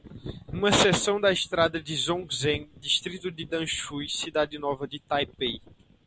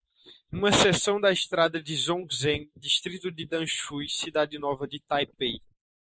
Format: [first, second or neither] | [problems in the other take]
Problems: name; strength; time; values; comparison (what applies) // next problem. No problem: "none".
first | noise reduction (neural mask model Resemble Enhance denoiser)